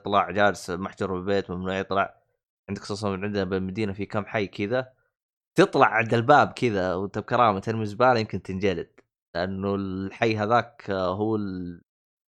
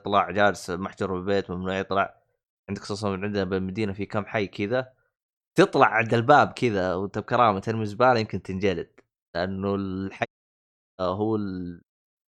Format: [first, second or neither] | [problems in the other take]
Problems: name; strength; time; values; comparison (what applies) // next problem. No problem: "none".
first | audio cutting out; at 10 s for 0.5 s